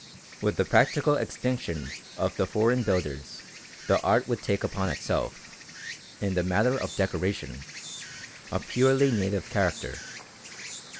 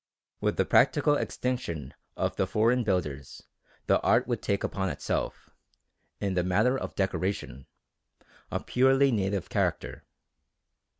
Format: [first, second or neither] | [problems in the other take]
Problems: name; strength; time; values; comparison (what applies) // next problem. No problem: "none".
second | background sound (Insect); 15 dB below the speech